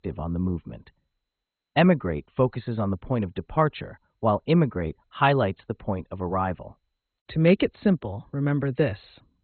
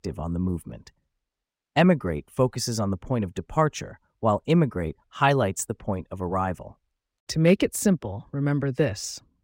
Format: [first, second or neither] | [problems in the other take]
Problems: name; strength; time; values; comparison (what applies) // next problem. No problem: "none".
second | garbled, watery; badly; nothing above 4 kHz